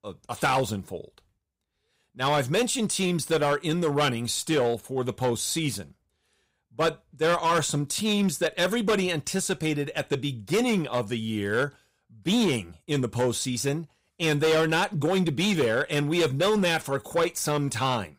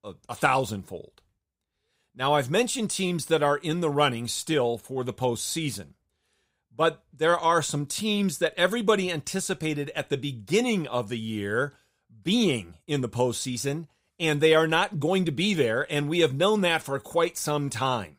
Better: second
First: distortion; slight; 7% of the sound clipped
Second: none

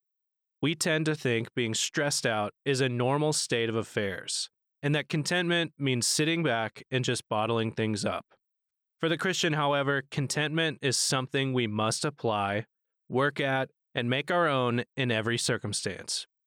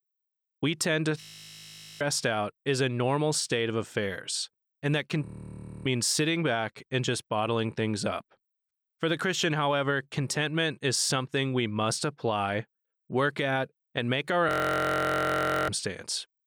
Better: first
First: none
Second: audio freezing; at 1 s for 1 s, at 5.5 s for 0.5 s and at 14 s for 1 s

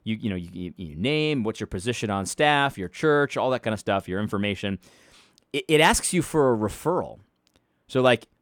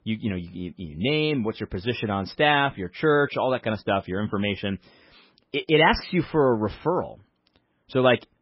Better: first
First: none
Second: garbled, watery; badly; nothing above 5.5 kHz

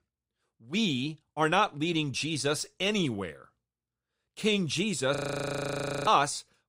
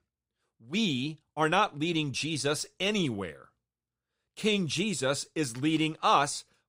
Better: second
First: audio freezing; at 5 s for 1 s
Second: none

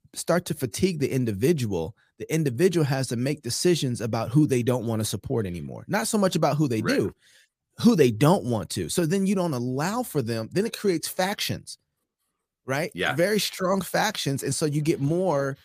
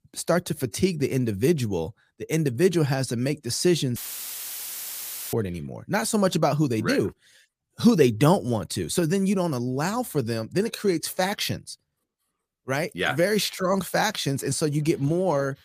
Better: first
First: none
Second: audio cutting out; filled with static; at 4 s for 1.5 s

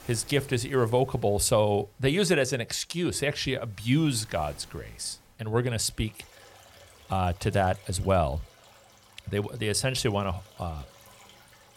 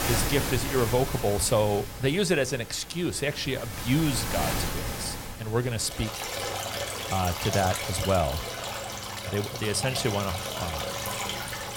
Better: first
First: rain or running water; faint; throughout; 25 dB below the speech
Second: rain or running water; loud; throughout; 4 dB below the speech

